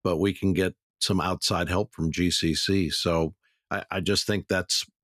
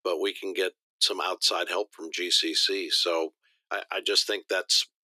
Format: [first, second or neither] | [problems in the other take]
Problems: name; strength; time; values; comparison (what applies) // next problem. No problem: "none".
first | thin; very; fading below 350 Hz